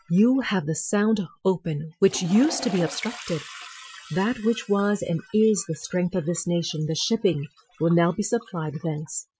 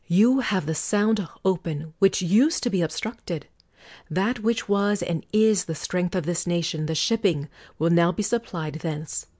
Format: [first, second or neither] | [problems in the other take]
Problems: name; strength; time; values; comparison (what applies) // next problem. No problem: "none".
second | noise reduction (classical method Wiener filter)